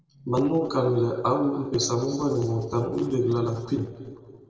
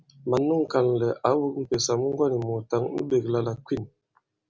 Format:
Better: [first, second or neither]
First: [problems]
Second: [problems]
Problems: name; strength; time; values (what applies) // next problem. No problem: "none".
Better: second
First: noise reduction (neural separator model SepFormer DNS4)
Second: none